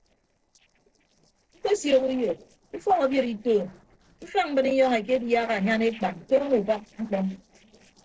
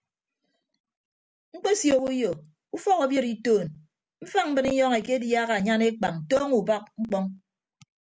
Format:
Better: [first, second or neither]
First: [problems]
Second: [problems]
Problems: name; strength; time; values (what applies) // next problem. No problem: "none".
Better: second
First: noise reduction (neural separator model SepFormer DNS4)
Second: none